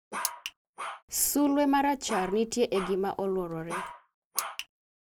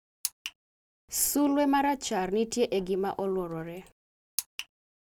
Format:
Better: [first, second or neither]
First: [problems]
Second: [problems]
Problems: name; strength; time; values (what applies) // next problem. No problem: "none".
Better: second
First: background sound (Bark); 10 dB below the speech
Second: none